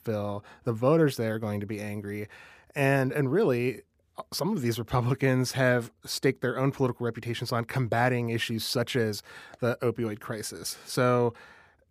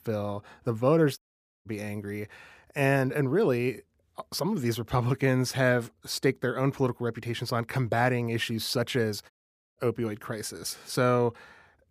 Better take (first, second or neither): first